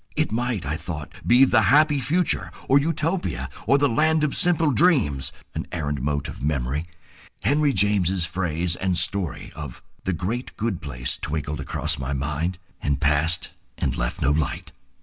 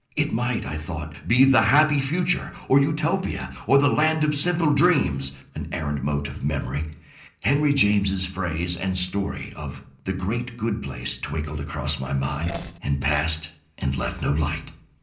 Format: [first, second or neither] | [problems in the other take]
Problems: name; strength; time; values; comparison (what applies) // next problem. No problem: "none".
first | noise reduction (neural separator model SepFormer DNS4)